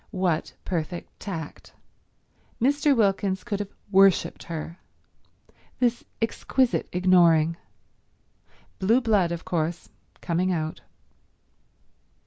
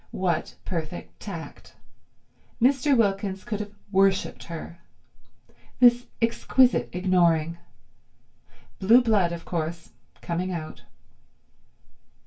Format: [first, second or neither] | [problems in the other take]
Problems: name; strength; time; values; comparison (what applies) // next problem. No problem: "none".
first | room echo; dies away in 0.2 s